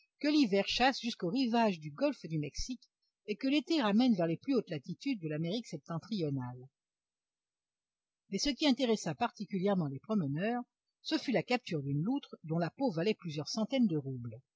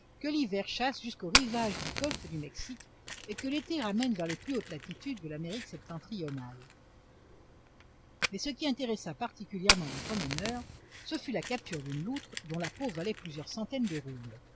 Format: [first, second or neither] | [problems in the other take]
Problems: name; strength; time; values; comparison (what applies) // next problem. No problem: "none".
first | background sound (Fire); 2 dB below the speech